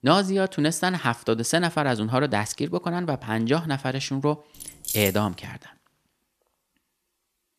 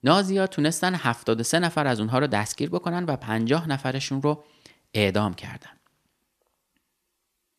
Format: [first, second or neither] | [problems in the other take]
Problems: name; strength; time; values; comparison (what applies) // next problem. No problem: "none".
second | jangling keys; noticeable; at 4.5 s; peak 3 dB below the speech